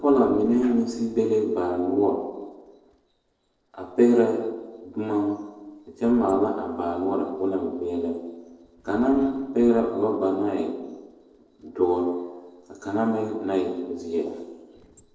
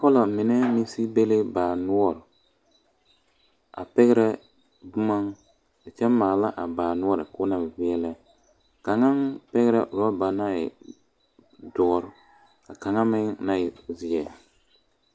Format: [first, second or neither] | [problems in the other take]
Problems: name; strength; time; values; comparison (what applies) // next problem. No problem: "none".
second | noise reduction (neural separator model SepFormer DNS4)